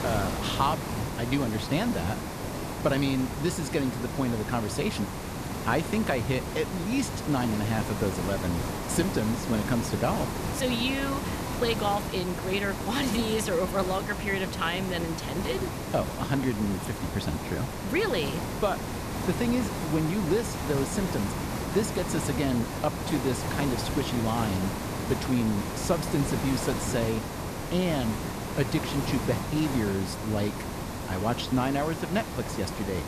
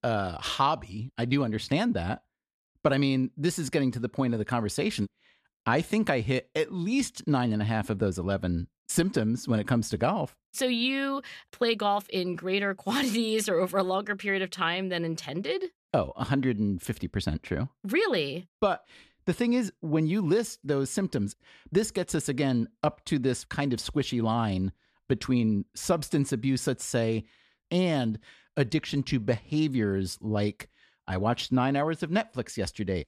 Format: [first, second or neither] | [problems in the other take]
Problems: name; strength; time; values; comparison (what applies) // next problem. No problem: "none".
second | hiss; loud; throughout; 3 dB below the speech